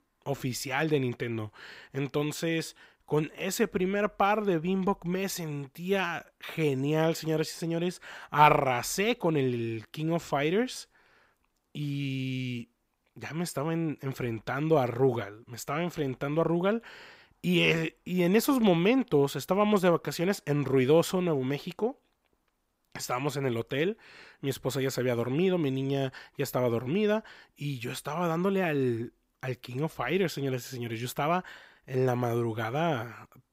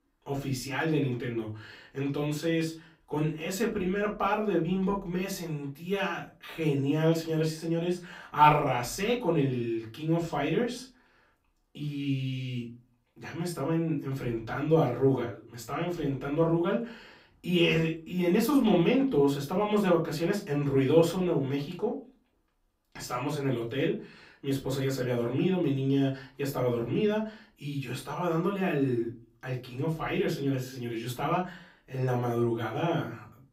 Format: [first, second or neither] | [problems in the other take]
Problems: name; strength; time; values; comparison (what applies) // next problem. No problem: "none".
first | off-mic speech; far // room echo; slight; dies away in 0.3 s